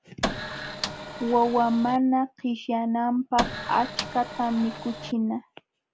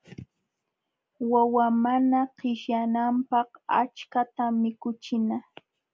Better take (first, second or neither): second